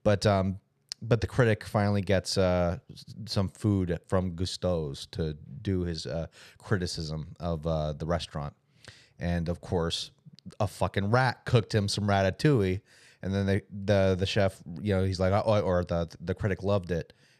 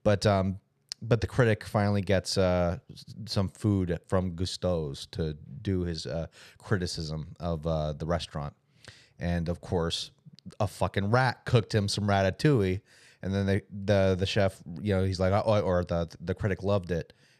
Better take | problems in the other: neither | none

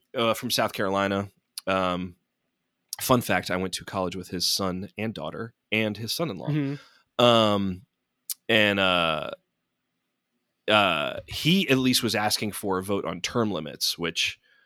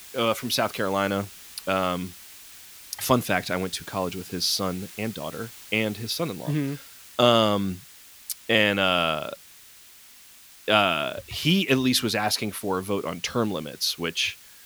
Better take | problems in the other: first | hiss; noticeable; throughout; 20 dB below the speech

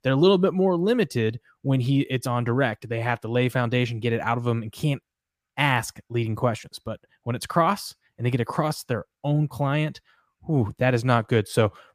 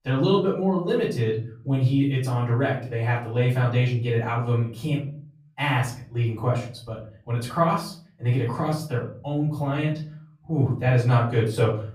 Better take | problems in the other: first | off-mic speech; far // room echo; slight; dies away in 0.5 s

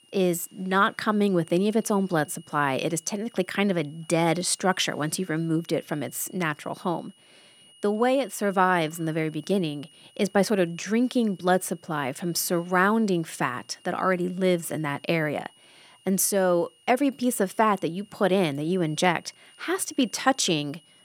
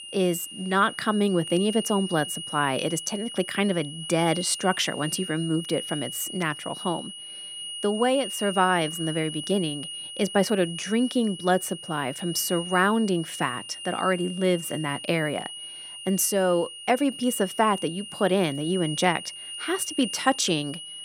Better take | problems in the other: first | high-pitched whine; loud; throughout; 3 kHz, 9 dB below the speech; faint in the first

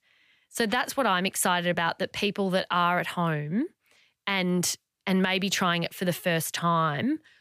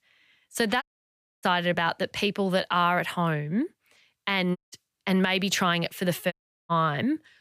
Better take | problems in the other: first | audio cutting out; at 1 s for 0.5 s, at 4.5 s and at 6.5 s

